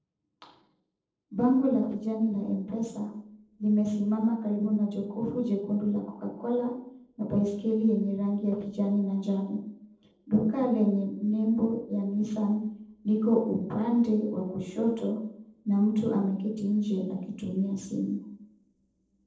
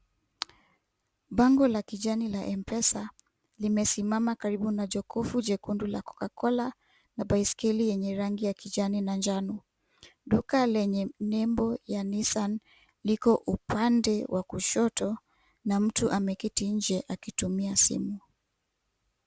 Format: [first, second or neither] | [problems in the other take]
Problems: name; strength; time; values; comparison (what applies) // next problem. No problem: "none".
second | noise reduction (neural separator model SepFormer DNS4)